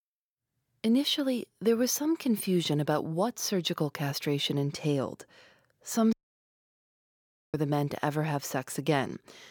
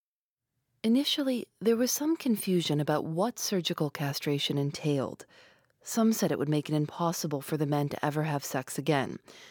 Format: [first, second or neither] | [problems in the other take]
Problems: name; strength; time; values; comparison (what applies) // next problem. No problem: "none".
second | audio cutting out; at 6 s for 1.5 s